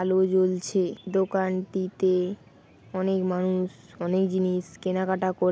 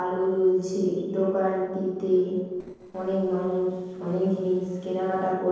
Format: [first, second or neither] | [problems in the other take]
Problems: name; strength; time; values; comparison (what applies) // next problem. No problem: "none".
first | noise reduction (neural separator model SepFormer DNS4)